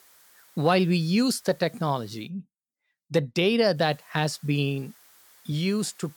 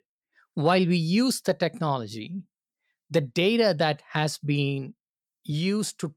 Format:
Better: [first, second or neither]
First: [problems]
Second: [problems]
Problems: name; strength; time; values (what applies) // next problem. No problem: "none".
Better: second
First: hiss; faint; until 2.5 s and from 4 s on; 30 dB below the speech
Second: none